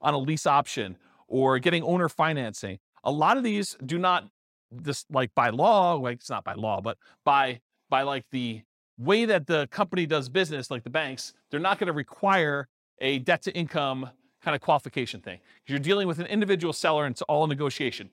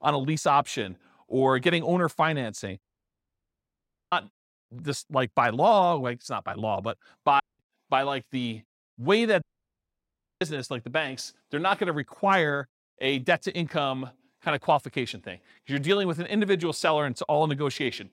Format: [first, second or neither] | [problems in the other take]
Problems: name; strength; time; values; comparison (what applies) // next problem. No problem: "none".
first | audio cutting out; at 3 s for 1.5 s, at 7.5 s and at 9.5 s for 1 s